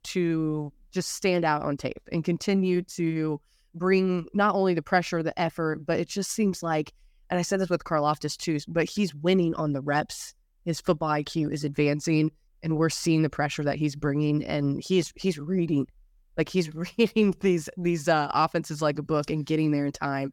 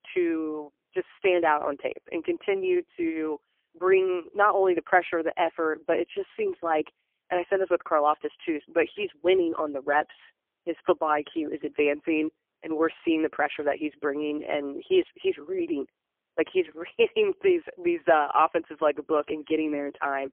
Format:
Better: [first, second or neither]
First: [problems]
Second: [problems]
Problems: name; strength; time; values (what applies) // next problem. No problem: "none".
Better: first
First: none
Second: phone-call audio; poor line; nothing above 3 kHz